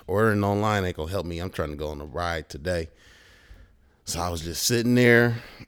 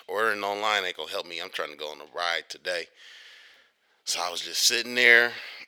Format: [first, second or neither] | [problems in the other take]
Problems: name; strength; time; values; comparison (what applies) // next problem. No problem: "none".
first | thin; very; fading below 600 Hz